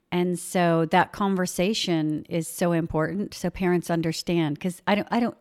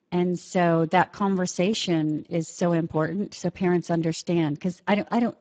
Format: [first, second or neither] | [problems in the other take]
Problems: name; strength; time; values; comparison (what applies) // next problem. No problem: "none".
first | garbled, watery; badly; nothing above 7.5 kHz